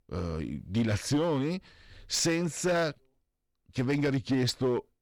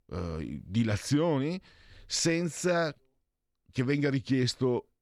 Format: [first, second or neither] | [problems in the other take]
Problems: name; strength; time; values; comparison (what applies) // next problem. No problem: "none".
second | distortion; slight; 6% of the sound clipped